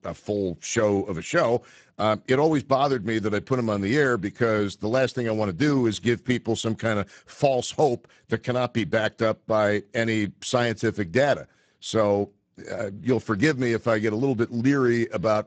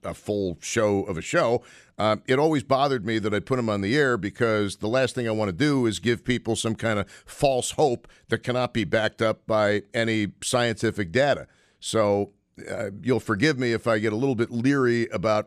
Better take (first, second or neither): second